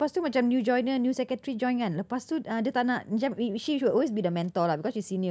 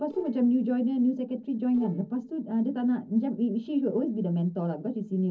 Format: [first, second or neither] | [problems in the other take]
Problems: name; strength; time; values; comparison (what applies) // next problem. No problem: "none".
first | noise reduction (neural separator model SepFormer DNS4)